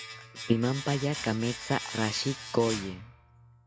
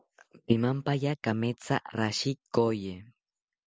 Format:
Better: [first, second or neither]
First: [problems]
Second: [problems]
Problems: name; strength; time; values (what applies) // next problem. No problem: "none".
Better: second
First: background sound (Domestic sounds, home sounds); 10 dB below the speech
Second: none